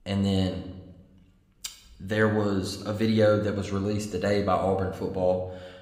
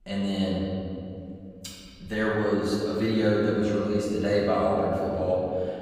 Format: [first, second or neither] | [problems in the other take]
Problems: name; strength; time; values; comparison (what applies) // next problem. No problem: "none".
first | room echo; strong; dies away in 2.4 s; slight in the first // off-mic speech; far